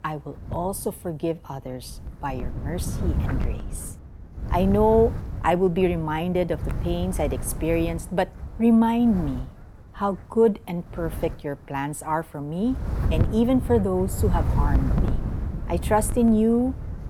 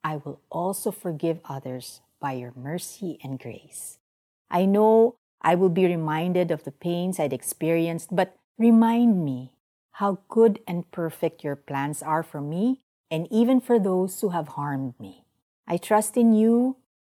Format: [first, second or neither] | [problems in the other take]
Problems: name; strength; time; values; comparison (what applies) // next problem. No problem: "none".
second | wind noise on the microphone; occasional gusts; 15 dB below the speech